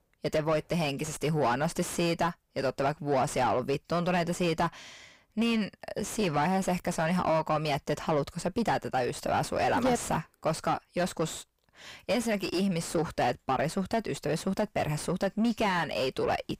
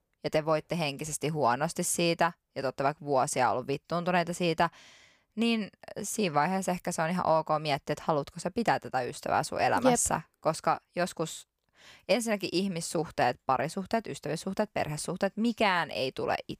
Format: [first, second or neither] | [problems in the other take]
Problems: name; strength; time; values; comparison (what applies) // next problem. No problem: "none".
second | distortion; heavy; 6 dB below the speech